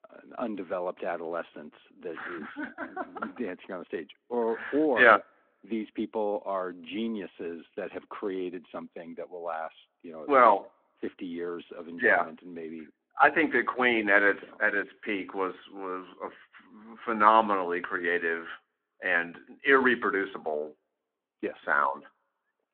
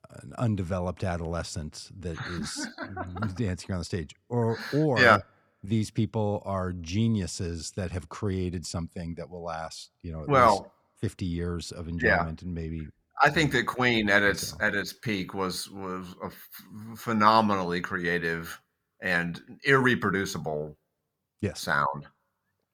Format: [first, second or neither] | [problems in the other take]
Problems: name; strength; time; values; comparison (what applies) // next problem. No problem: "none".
second | phone-call audio